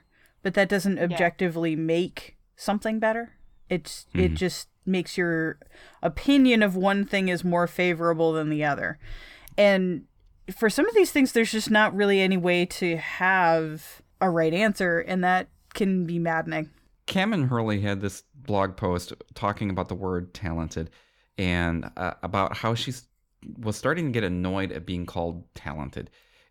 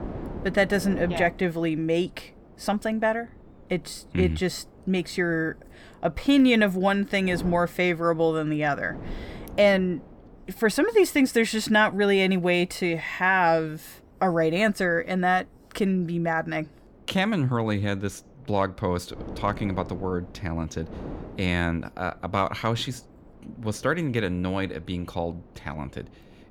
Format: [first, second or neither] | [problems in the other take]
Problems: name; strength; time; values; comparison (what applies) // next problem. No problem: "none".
first | wind noise on the microphone; occasional gusts; 25 dB below the speech